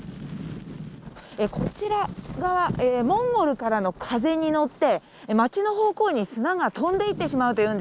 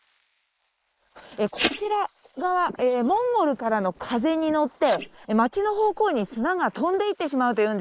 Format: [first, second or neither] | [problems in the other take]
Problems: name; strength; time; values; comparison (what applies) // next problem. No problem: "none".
first | noise reduction (neural mask model Resemble Enhance denoiser)